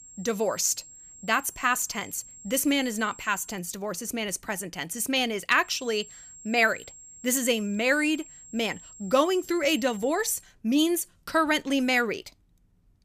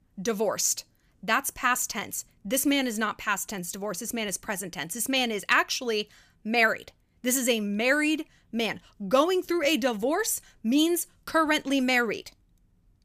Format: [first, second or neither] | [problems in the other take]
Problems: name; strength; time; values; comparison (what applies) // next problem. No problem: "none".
second | high-pitched whine; noticeable; until 3.5 s and from 5.5 to 10 s; 7.5 kHz, 20 dB below the speech